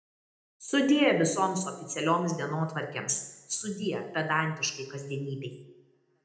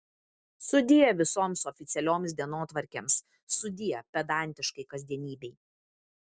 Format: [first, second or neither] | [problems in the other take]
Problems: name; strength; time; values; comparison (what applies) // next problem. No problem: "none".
second | room echo; dies away in 0.7 s